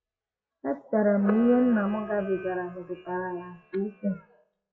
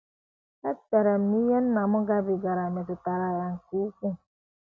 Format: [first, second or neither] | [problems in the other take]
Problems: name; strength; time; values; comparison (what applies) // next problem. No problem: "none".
second | noise reduction (classical method WPE with log-MMSE)